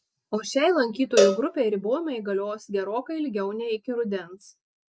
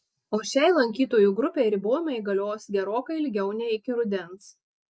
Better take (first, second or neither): second